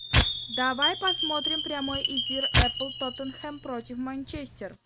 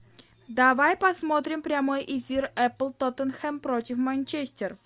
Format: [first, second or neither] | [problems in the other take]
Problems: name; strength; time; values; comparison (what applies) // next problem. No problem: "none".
second | background sound (Chime + Tearing); 4 dB above the speech